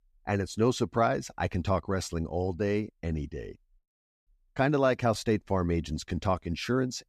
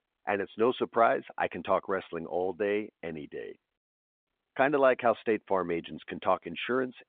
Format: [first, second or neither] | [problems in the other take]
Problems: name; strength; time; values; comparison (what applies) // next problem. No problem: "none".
first | phone-call audio